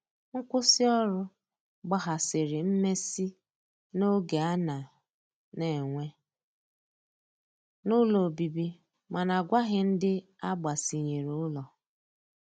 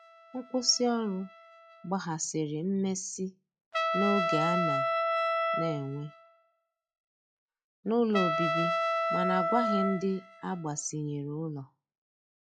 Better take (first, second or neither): first